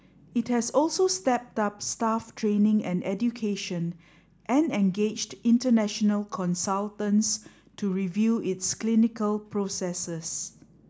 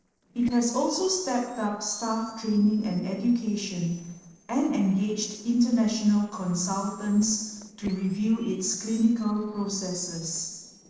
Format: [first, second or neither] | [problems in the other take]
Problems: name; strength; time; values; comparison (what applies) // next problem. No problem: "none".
first | noise reduction (neural separator model SepFormer DNS4)